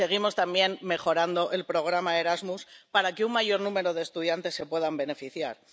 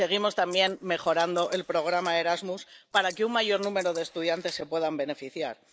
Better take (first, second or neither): first